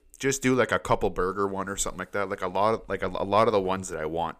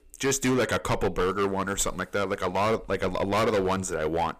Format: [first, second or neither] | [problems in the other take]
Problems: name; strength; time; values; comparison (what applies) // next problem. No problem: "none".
first | distortion; heavy; 14% of the sound clipped